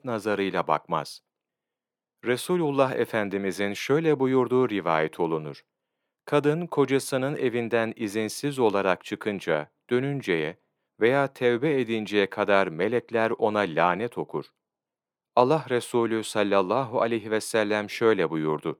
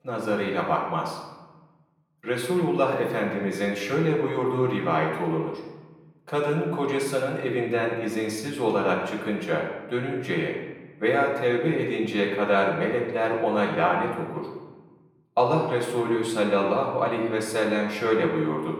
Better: first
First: none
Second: off-mic speech; far // room echo; noticeable; dies away in 1 s

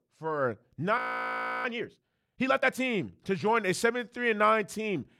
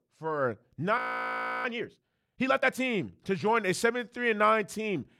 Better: neither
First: audio freezing; at 1 s for 0.5 s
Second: audio freezing; at 1 s for 0.5 s

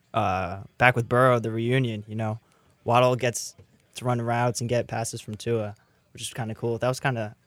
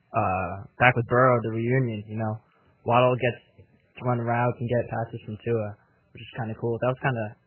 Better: first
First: none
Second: garbled, watery; badly; nothing above 3 kHz

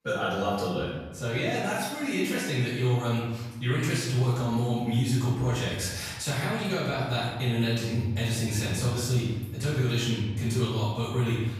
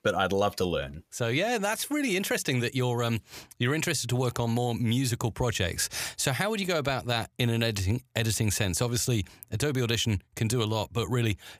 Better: second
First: room echo; strong; dies away in 1.1 s // off-mic speech; far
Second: none

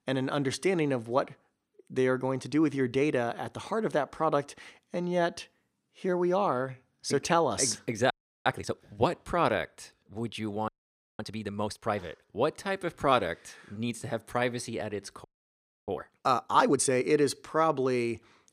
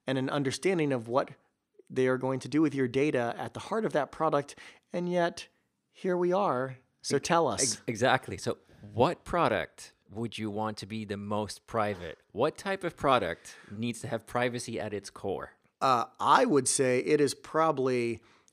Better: second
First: audio freezing; at 8 s, at 11 s for 0.5 s and at 15 s for 0.5 s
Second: none

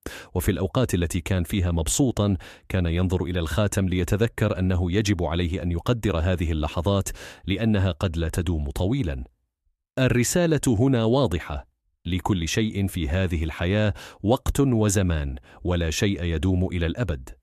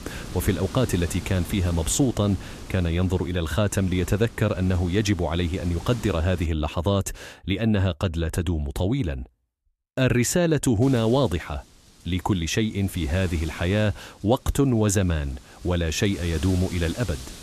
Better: first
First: none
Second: wind noise on the microphone; occasional gusts; until 6.5 s and from 11 s on; 15 dB below the speech

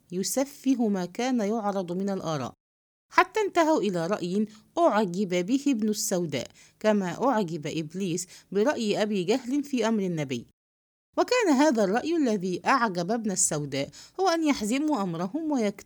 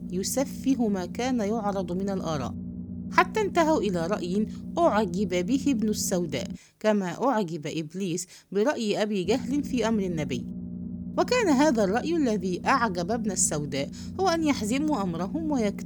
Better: first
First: none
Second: low rumble; noticeable; until 6.5 s and from 9.5 s on; 15 dB below the speech

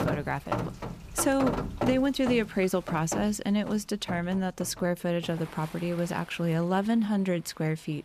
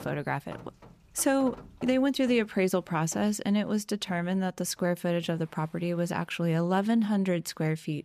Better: second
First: rain or running water; loud; throughout; 9 dB below the speech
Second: rain or running water; faint; throughout; 25 dB below the speech

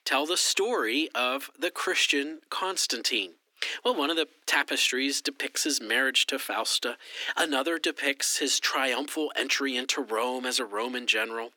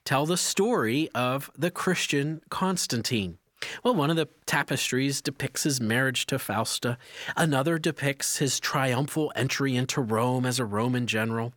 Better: second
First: thin; somewhat; fading below 250 Hz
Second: none

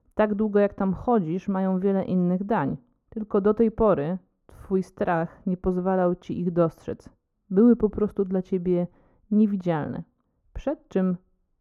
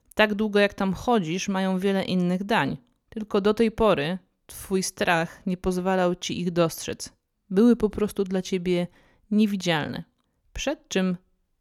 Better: second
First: muffled; very; fading above 1.5 kHz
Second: none

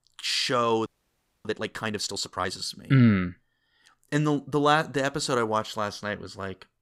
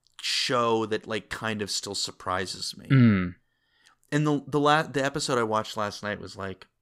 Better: second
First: audio freezing; at 1 s for 0.5 s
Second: none

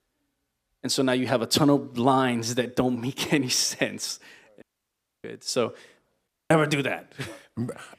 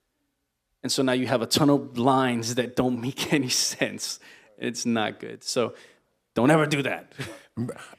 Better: second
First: audio cutting out; at 4.5 s for 0.5 s and at 6.5 s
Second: none

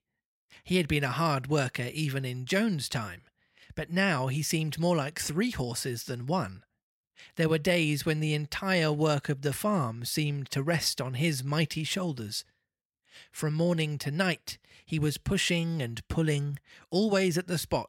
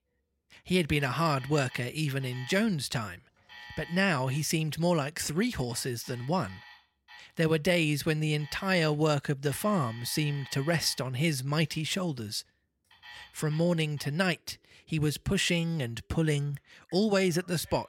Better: first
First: none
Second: alarms or sirens; faint; throughout; 20 dB below the speech

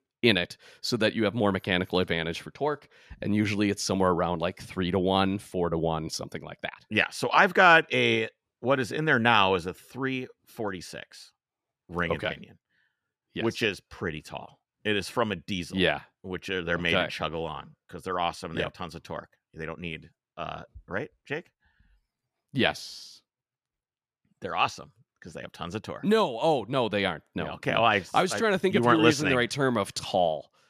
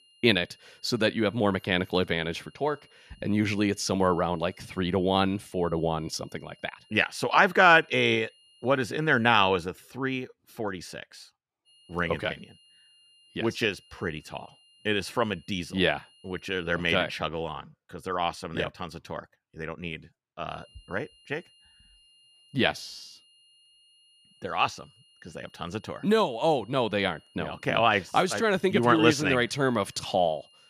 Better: first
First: none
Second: high-pitched whine; faint; until 9.5 s, from 12 to 17 s and from 20 s on; 3 kHz, 30 dB below the speech

